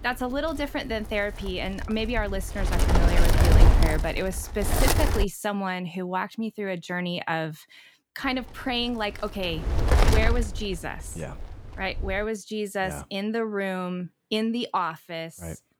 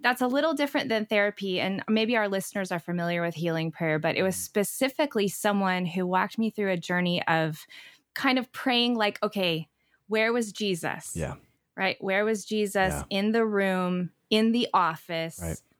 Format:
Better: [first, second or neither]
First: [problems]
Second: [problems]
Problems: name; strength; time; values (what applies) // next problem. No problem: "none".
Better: second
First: wind noise on the microphone; heavy; until 5 s and from 8 to 12 s; as loud as the speech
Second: none